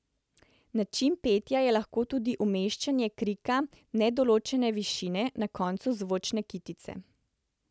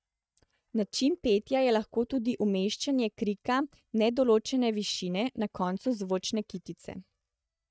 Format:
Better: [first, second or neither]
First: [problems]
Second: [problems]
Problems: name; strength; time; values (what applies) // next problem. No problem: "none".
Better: first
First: none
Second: noise reduction (neural mask model DeepFilterNet 3)